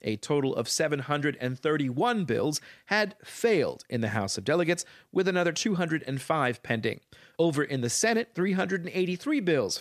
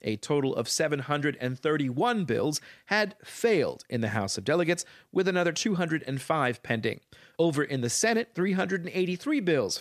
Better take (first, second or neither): neither